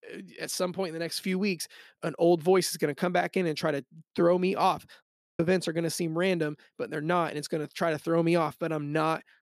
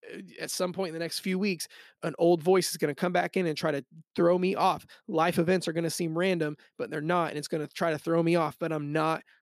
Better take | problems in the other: second | audio cutting out; at 5 s

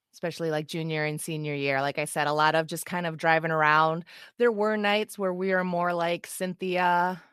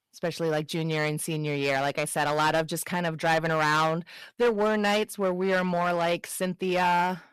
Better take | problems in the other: first | distortion; heavy; 8% of the sound clipped

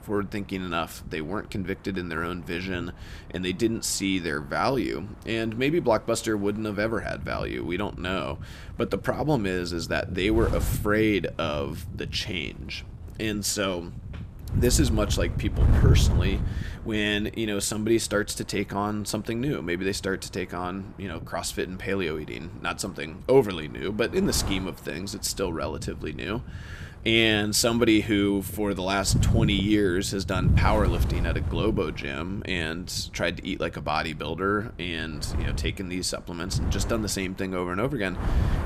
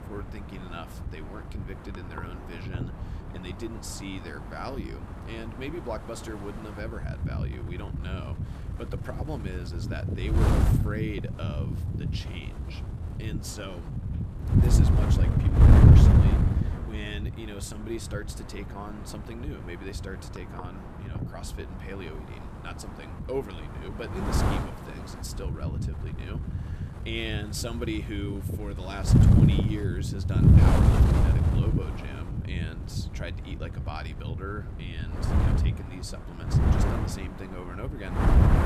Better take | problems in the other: first | wind noise on the microphone; heavy; 3 dB above the speech; occasional gusts in the first

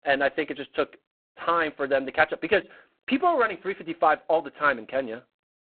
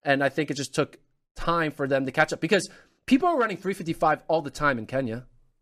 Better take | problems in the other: second | phone-call audio; poor line; nothing above 4 kHz

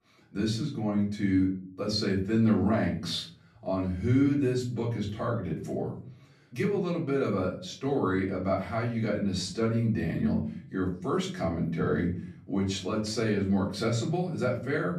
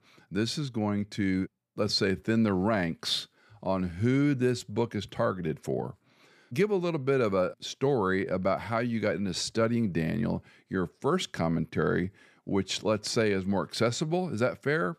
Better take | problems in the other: second | off-mic speech; far // room echo; slight; dies away in 0.6 s

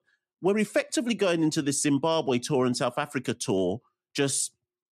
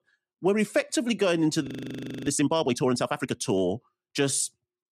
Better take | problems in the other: first | audio freezing; at 1.5 s for 0.5 s

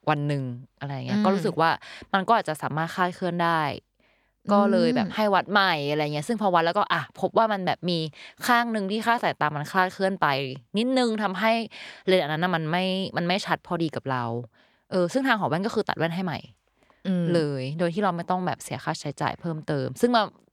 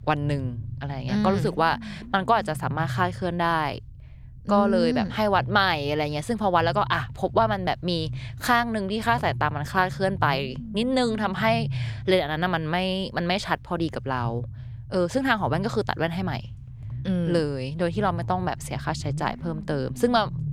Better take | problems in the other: first | low rumble; faint; throughout; 20 dB below the speech

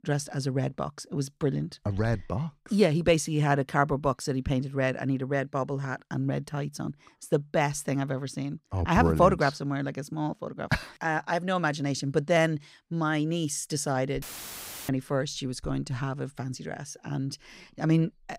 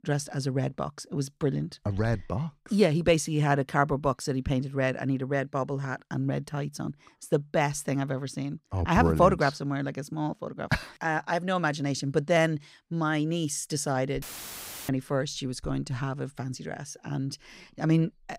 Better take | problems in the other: neither | audio cutting out; filled with static; at 14 s for 0.5 s; the same in both

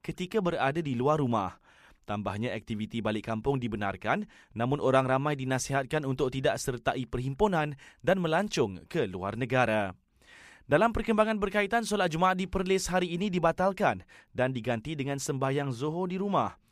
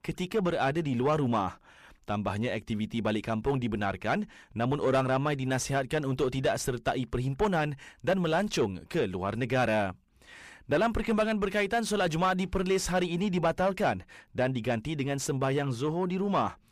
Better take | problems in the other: first | distortion; slight; 10 dB below the speech

